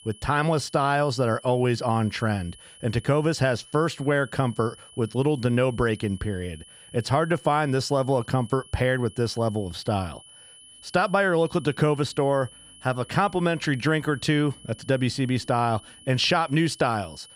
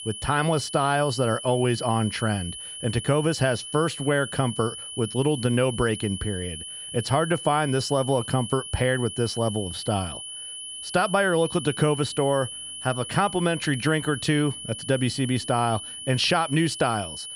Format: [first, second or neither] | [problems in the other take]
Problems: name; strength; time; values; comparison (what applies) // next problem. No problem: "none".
first | high-pitched whine; loud; throughout; 3 kHz, 9 dB below the speech; faint in the first